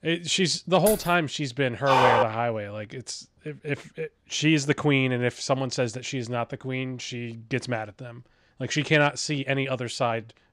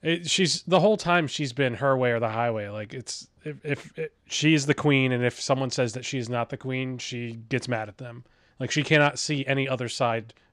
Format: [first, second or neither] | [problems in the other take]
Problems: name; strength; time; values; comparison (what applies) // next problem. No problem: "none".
second | jangling keys; noticeable; at 1 s; peak 5 dB below the speech // dog barking; loud; at 2 s; peak 5 dB above the speech